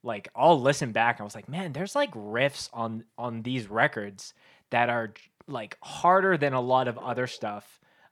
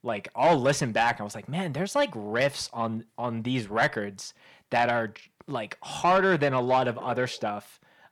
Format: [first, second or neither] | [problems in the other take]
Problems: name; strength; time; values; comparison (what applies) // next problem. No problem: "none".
first | distortion; slight; 10 dB below the speech